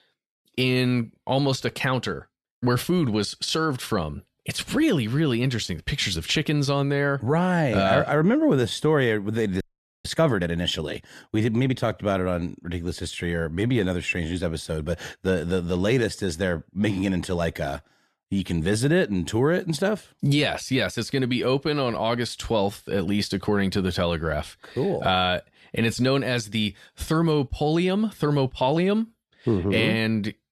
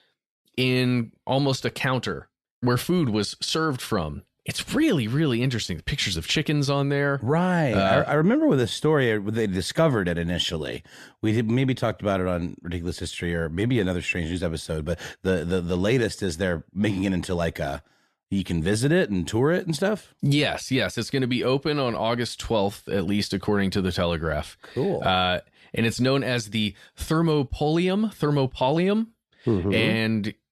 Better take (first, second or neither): second